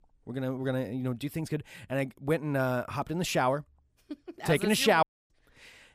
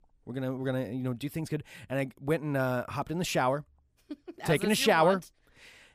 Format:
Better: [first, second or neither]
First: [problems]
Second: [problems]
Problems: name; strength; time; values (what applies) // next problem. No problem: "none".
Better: second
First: audio cutting out; at 5 s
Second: none